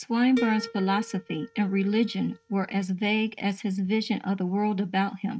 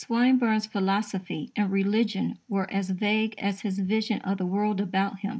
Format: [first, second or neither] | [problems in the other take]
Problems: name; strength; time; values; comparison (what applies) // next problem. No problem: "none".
second | noise reduction (neural mask model RNNoise)